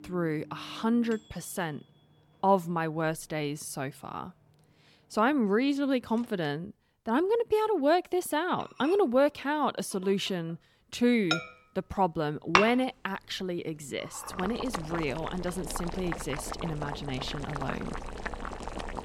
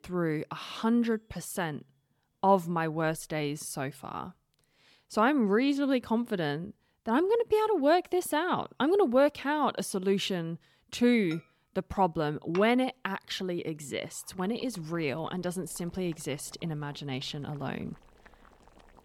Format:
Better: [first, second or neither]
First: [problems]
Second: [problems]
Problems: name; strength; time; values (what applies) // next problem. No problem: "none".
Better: second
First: household noises; loud; throughout; 5 dB below the speech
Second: household noises; faint; throughout; 25 dB below the speech